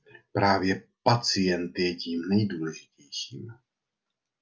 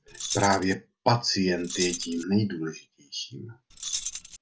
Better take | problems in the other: first | background sound (Keys jangling); 6 dB below the speech

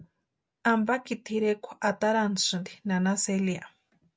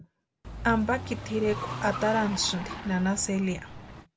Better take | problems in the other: first | background sound (Car); 8 dB below the speech

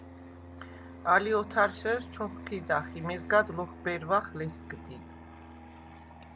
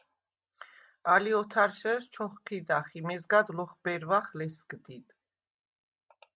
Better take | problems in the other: second | background sound (Fixed-wing aircraft, airplane); 14 dB below the speech

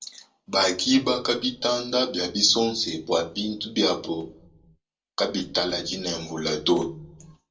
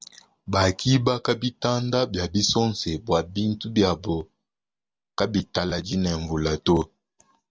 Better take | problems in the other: second | room echo; dies away in 0.2 s

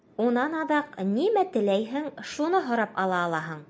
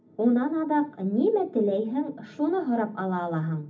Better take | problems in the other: first | room echo; dies away in 0.4 s

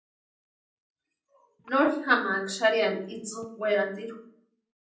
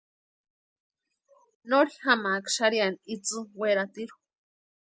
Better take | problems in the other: second | background sound (Telephone); 20 dB below the speech // room echo; dies away in 0.6 s

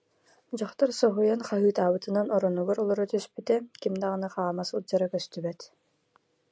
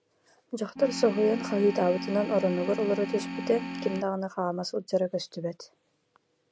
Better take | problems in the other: first | background sound (Organ); 7 dB below the speech

